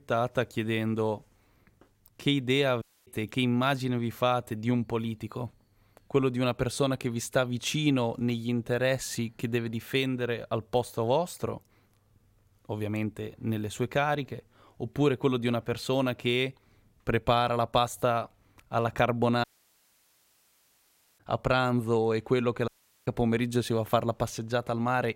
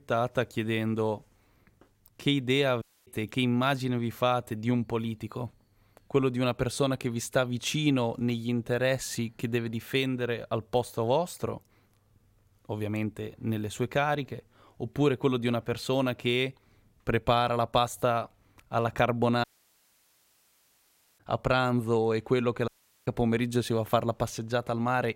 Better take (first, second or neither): neither